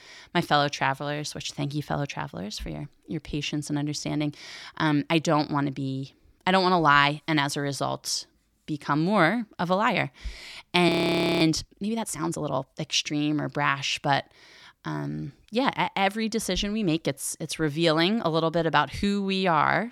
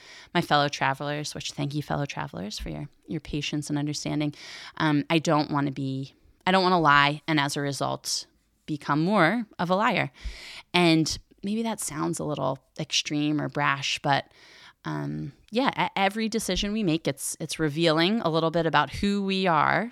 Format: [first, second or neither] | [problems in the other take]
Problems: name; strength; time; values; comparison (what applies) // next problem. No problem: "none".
second | audio freezing; at 11 s for 0.5 s